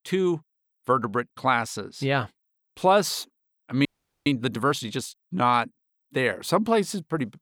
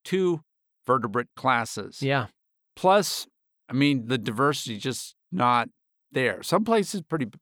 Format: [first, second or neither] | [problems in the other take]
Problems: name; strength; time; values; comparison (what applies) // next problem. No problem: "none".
second | audio freezing; at 4 s